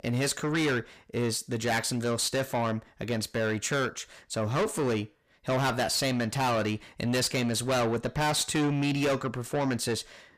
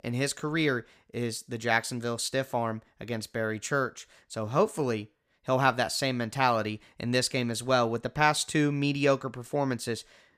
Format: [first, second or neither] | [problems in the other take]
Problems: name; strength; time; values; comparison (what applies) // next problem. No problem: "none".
second | distortion; heavy; 6 dB below the speech